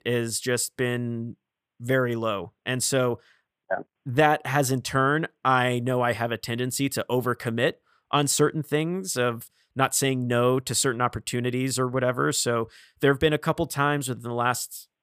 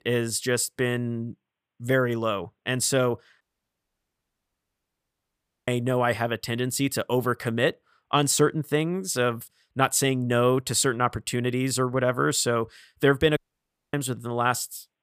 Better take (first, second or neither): first